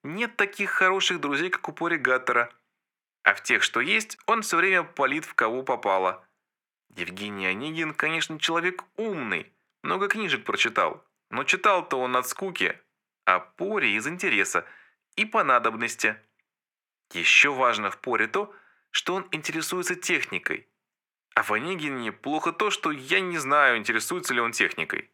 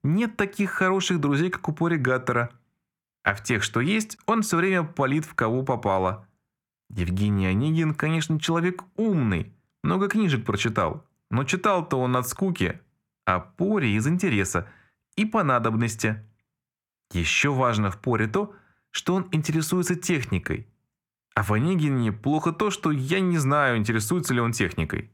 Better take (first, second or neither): second